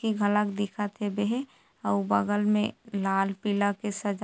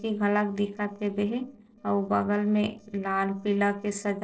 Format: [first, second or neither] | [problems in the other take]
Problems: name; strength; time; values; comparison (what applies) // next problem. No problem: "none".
first | noise reduction (neural separator model SepFormer DNS4)